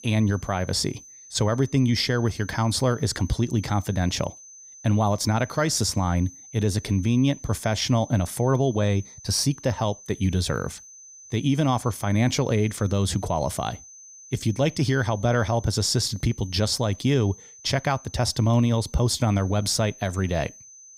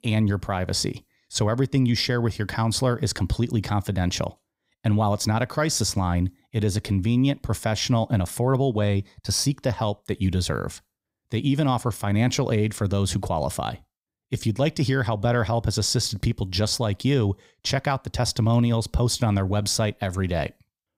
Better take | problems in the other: second | high-pitched whine; noticeable; throughout; 6 kHz, 20 dB below the speech

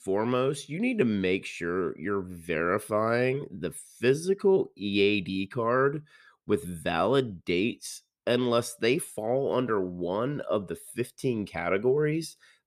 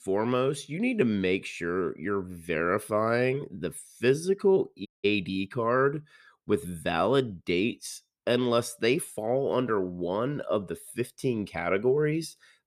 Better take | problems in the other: first | audio cutting out; at 5 s

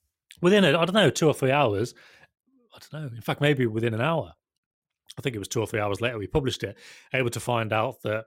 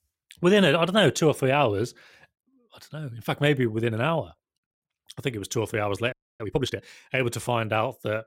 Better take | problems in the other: first | audio freezing; at 6 s

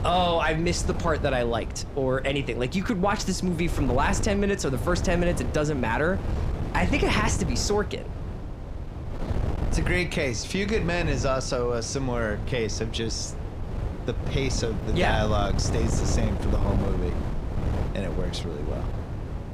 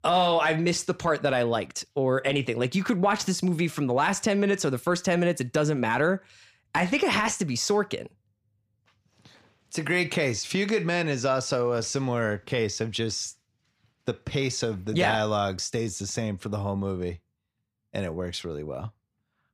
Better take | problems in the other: second | wind noise on the microphone; occasional gusts; 10 dB below the speech

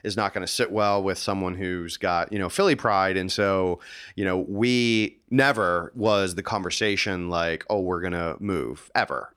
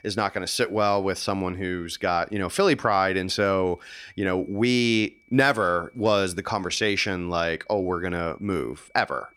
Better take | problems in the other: first | high-pitched whine; faint; throughout; 2.5 kHz, 35 dB below the speech

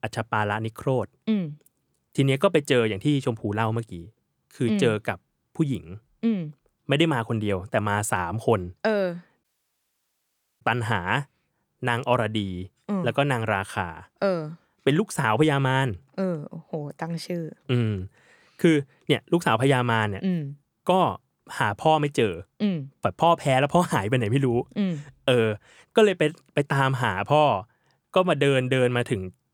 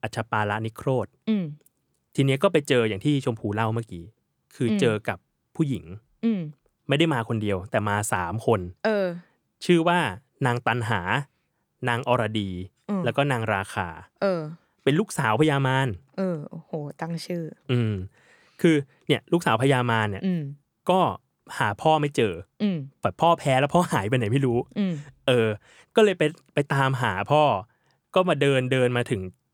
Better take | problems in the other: second | audio cutting out; at 9.5 s for 1 s

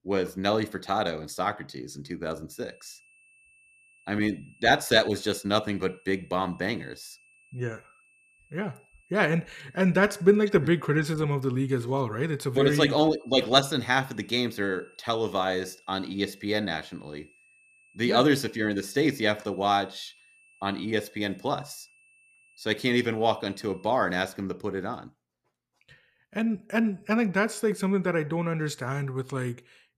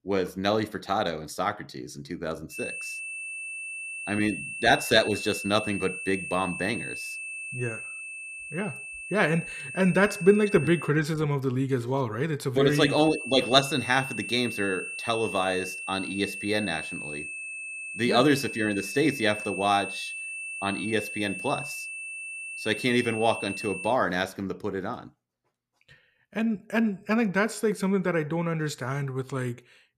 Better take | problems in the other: first | high-pitched whine; loud; from 2.5 to 11 s and from 13 to 24 s; 2.5 kHz, 8 dB below the speech; faint in the first

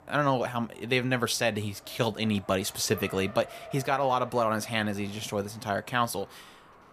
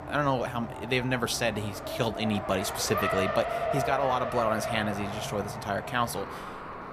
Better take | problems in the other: first | traffic noise; loud; throughout; 4 dB below the speech; faint in the first

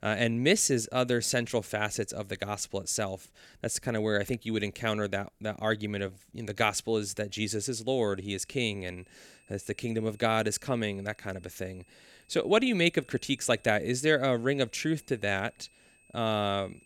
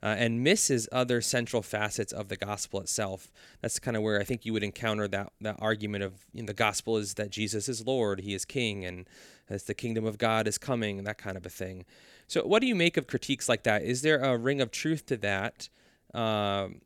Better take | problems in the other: second | high-pitched whine; faint; from 8 s on; 2.5 kHz, 30 dB below the speech

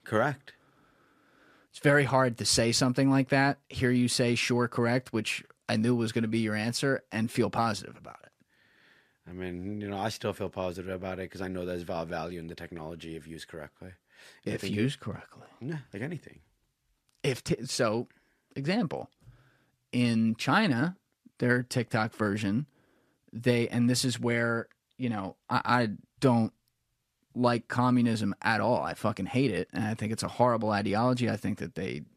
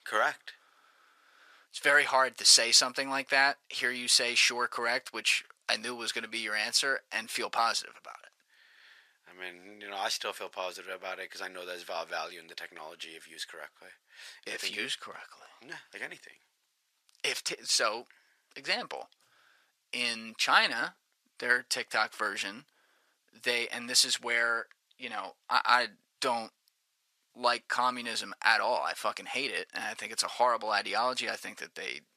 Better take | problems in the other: first | thin; very; fading below 850 Hz

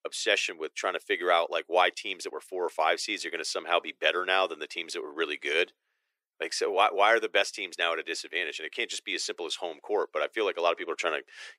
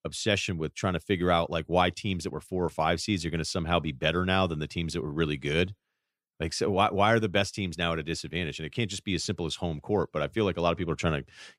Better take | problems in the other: second | thin; very; fading below 400 Hz

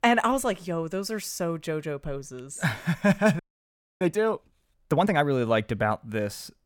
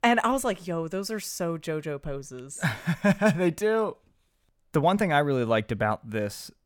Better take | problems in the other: second | audio freezing; at 3.5 s for 0.5 s

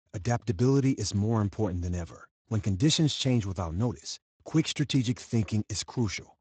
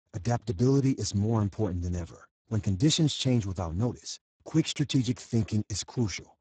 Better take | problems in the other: first | garbled, watery; badly; nothing above 7.5 kHz; slightly in the first

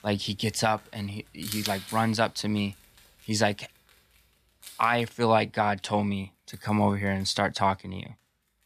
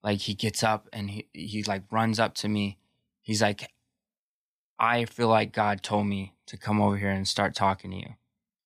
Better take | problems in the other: second | animal sounds; noticeable; throughout; 15 dB below the speech

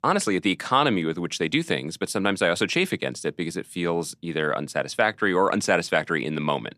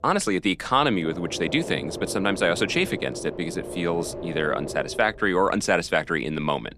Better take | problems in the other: first | low rumble; noticeable; throughout; 15 dB below the speech

